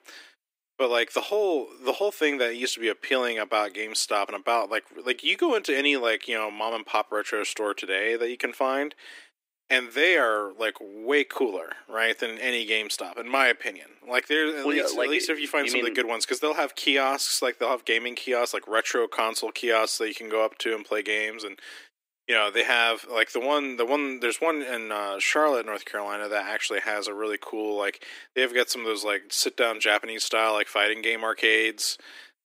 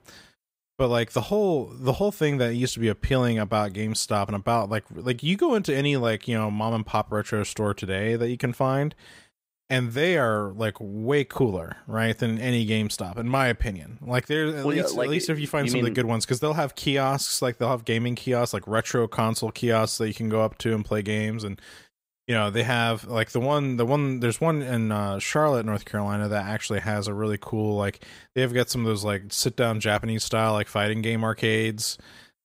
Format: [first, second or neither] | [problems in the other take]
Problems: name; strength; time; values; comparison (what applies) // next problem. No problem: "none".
second | thin; somewhat; fading below 300 Hz